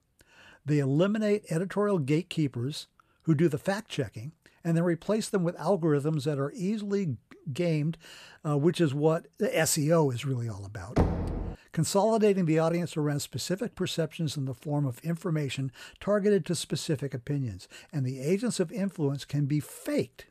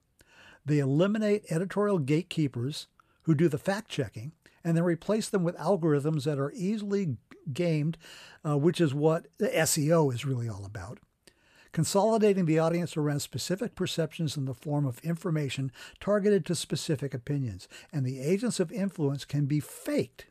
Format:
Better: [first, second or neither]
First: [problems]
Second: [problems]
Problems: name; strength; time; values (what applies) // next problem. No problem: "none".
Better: second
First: door banging; loud; at 11 s; peak 1 dB above the speech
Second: none